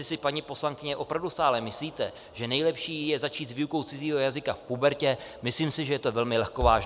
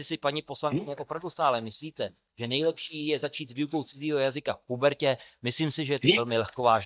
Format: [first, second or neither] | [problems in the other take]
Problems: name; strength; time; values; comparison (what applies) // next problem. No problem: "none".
first | noise reduction (neural mask model DeepFilterNet 3)